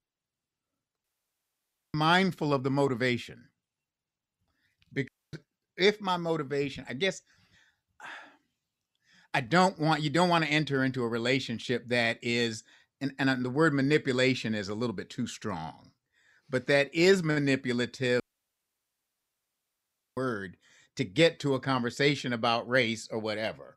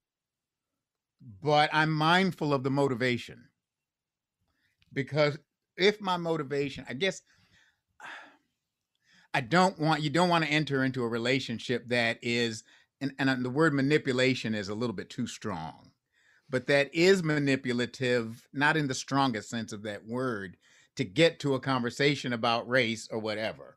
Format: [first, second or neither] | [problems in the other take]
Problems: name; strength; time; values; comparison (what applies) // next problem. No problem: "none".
second | audio cutting out; at 1 s for 1 s, at 5 s and at 18 s for 2 s